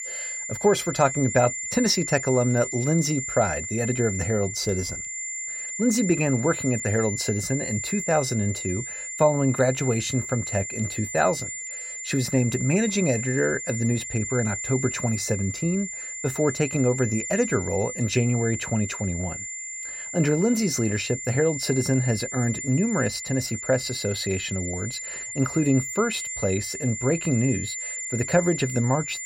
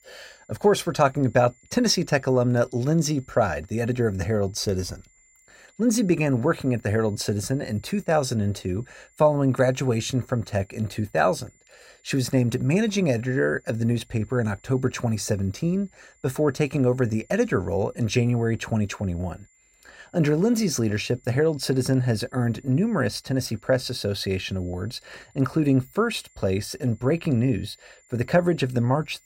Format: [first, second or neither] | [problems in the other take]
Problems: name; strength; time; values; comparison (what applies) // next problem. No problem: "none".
second | high-pitched whine; loud; throughout; 7 kHz, 6 dB below the speech; faint in the second